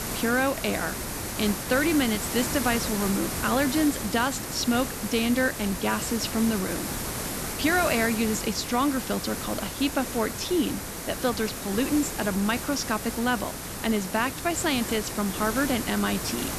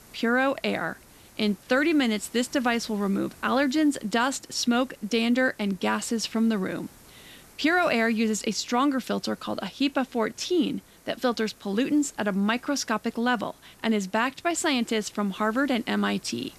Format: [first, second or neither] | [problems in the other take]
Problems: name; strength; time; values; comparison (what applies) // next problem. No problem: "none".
second | hiss; loud; throughout; 5 dB below the speech; faint in the second